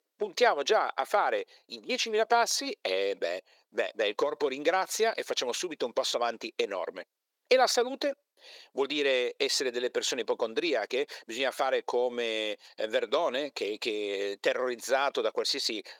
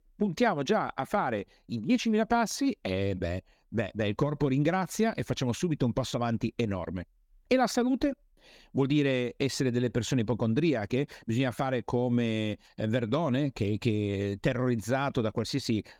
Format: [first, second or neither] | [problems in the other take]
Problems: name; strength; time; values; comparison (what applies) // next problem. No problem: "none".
second | thin; very; fading below 450 Hz